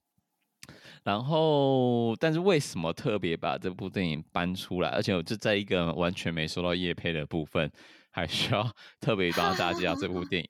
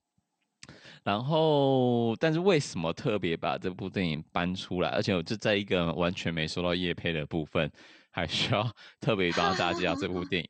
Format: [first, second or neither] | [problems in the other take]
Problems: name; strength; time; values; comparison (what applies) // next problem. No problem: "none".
first | garbled, watery; slightly; nothing above 8.5 kHz